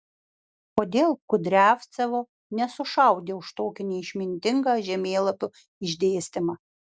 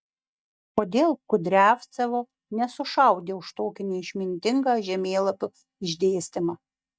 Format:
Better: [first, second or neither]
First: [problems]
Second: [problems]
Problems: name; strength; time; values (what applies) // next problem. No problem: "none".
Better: first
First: none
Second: noise reduction (neural mask model DeepFilterNet 3)